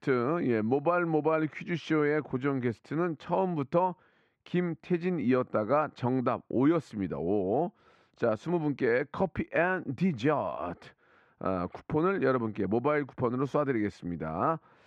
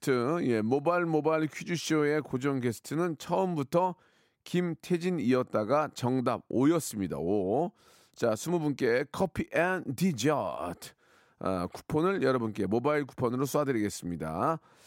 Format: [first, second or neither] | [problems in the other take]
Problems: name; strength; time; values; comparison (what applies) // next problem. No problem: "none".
second | muffled; slightly; fading above 2 kHz